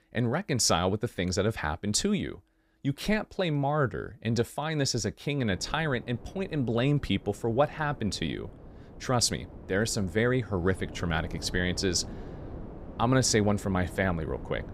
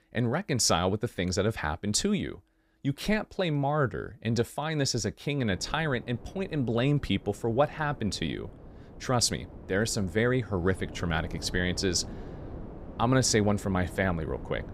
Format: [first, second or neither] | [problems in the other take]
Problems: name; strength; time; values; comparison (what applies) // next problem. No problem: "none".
neither | wind noise on the microphone; occasional gusts; from 5.5 s on; 20 dB below the speech; the same in both